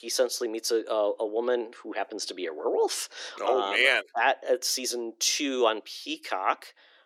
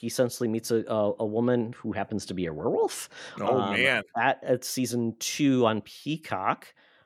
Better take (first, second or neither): second